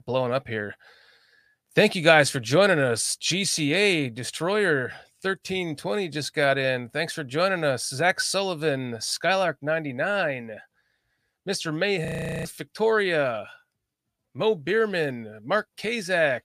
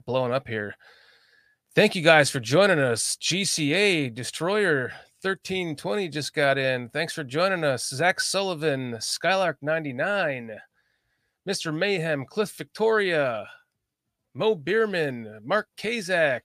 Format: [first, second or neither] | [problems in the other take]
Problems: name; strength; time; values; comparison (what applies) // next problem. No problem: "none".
second | audio freezing; at 12 s